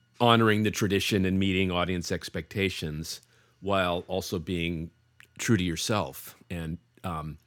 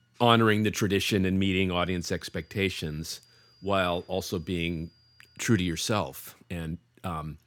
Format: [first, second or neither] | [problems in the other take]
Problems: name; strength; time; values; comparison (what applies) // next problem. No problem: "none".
first | high-pitched whine; faint; from 2 to 6 s; 5 kHz, 30 dB below the speech